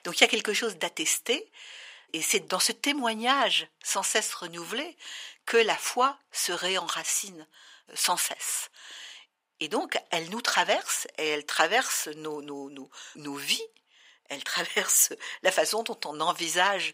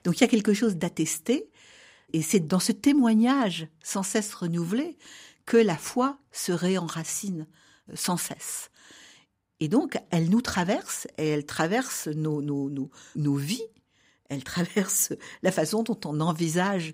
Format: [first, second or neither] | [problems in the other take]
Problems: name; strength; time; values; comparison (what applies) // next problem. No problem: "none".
second | thin; very; fading below 700 Hz